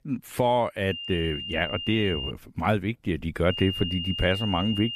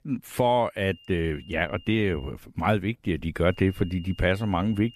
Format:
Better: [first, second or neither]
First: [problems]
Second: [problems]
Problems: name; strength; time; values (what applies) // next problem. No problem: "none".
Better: second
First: high-pitched whine; loud; from 1 to 2.5 s and from 3.5 s on; 3 kHz, 5 dB below the speech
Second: high-pitched whine; faint; from 1 to 2.5 s and from 3.5 s on; 3 kHz, 25 dB below the speech